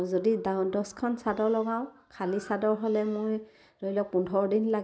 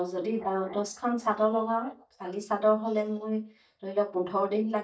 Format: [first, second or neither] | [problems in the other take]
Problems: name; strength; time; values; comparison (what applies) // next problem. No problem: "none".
first | noise reduction (neural mask model DeepFilterNet 3)